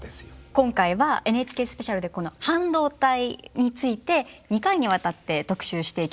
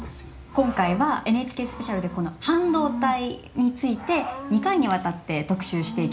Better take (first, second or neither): first